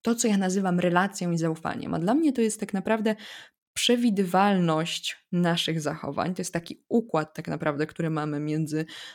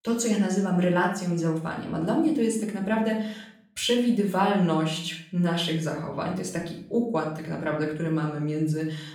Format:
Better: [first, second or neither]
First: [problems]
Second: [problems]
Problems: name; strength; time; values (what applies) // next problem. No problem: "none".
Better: first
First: none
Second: off-mic speech; far // room echo; noticeable; dies away in 0.5 s